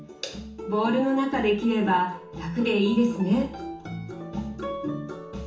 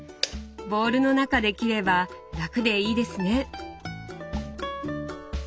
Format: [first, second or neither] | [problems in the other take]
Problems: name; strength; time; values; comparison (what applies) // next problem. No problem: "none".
second | room echo; dies away in 0.8 s